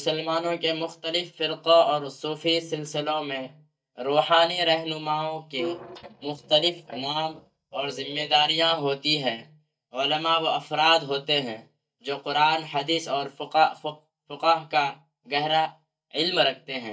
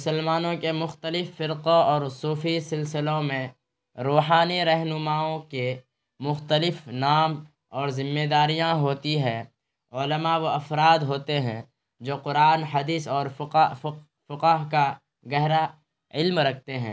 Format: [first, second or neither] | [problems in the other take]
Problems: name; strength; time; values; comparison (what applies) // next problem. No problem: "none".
second | noise reduction (neural mask model DeepFilterNet 3)